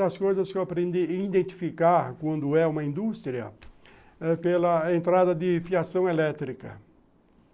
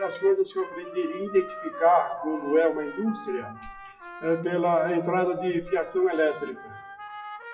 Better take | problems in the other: first | noise reduction (classical method WPE with log-MMSE)

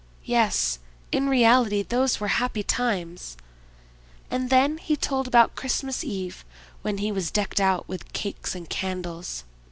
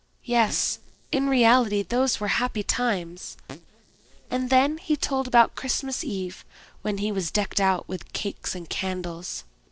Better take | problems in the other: first | noise reduction (neural separator model SepFormer DNS4)

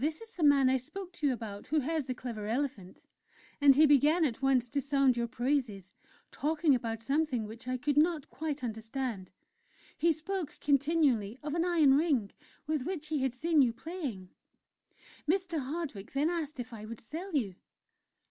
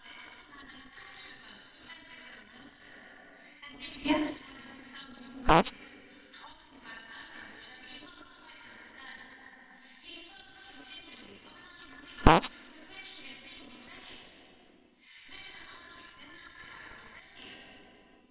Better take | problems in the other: first | noise reduction (neural separator model SepFormer WHAMR!)

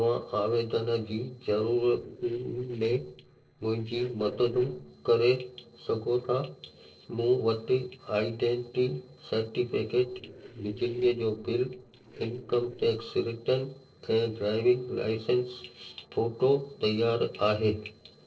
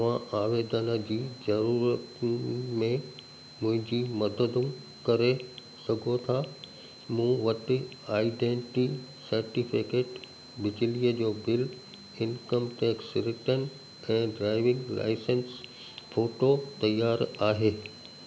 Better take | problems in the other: second | noise reduction (neural separator model SepFormer DNS4)

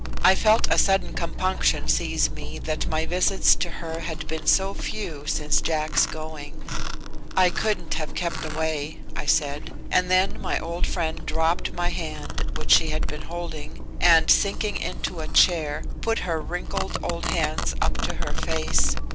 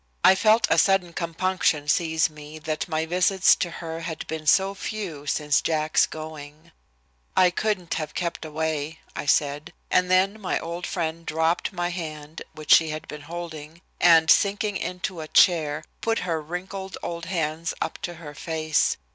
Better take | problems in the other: second | background sound (Domestic sounds, home sounds); 3 dB above the speech

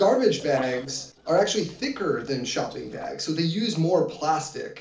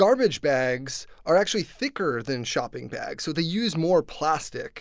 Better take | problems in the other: second | noise reduction (neural separator model SepFormer DNS4)

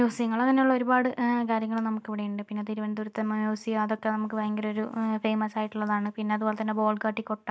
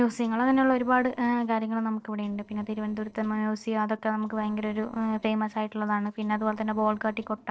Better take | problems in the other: first | noise reduction (neural separator model SepFormer DNS4)

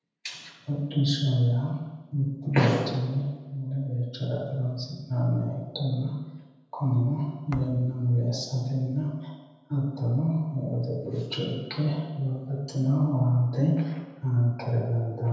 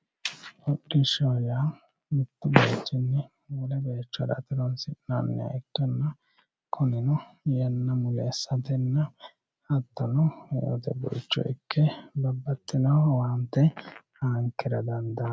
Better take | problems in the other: second | background sound (Thump, thud); 18 dB below the speech // room echo; dies away in 1 s

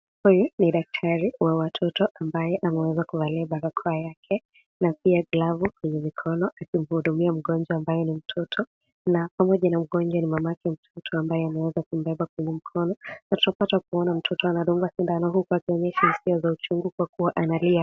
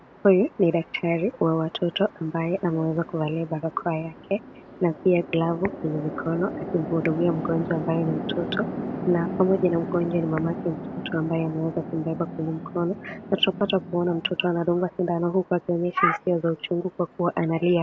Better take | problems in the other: first | background sound (Chatter / Traffic noise, roadway noise / Train); 10 dB below the speech

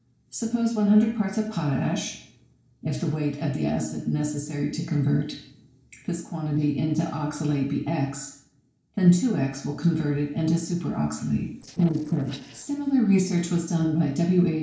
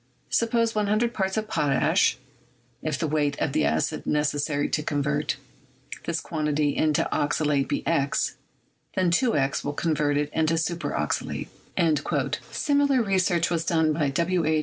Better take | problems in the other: second | noise reduction (neural separator model SepFormer DNS4)

